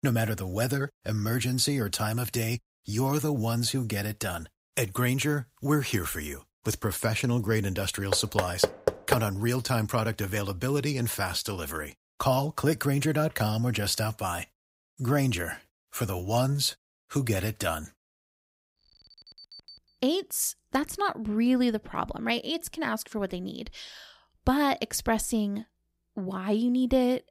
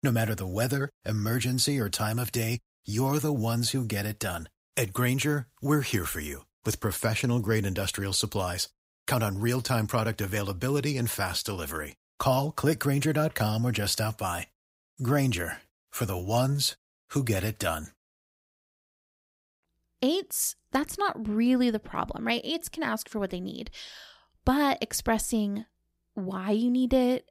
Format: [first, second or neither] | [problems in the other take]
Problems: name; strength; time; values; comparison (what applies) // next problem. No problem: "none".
second | door banging; loud; from 8 to 9 s; peak 1 dB above the speech // alarm; faint; from 19 to 20 s; peak 20 dB below the speech